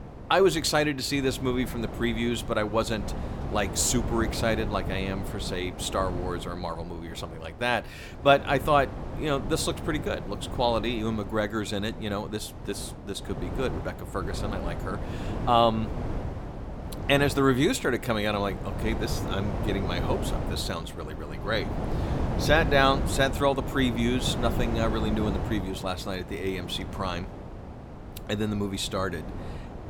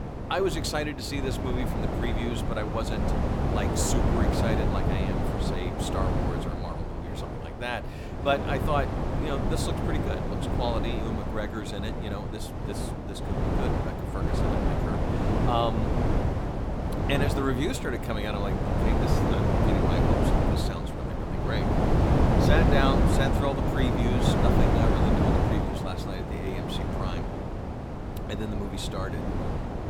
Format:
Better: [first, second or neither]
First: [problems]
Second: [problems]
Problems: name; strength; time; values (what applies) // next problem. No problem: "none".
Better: first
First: wind noise on the microphone; occasional gusts; 10 dB below the speech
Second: wind noise on the microphone; heavy; 1 dB above the speech